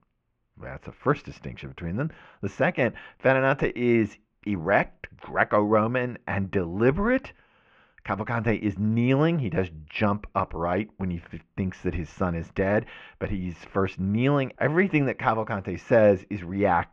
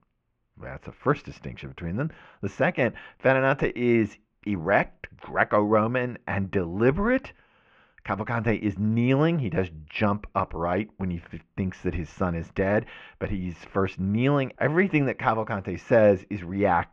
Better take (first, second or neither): neither